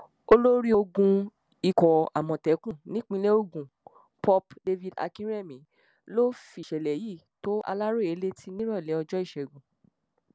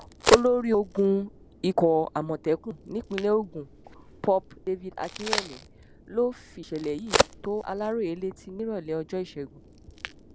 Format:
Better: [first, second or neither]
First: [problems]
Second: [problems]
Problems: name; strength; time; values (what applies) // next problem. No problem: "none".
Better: first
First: none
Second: background sound (Crack); 6 dB below the speech